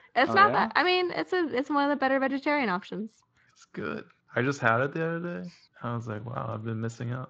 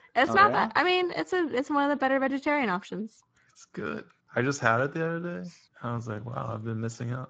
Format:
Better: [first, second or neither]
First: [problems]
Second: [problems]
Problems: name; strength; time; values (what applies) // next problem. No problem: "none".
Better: first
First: garbled, watery; slightly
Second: garbled, watery; badly